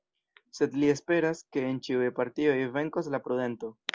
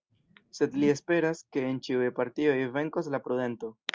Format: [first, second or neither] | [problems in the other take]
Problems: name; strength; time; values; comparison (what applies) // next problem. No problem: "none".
first | noise reduction (neural mask model RNNoise)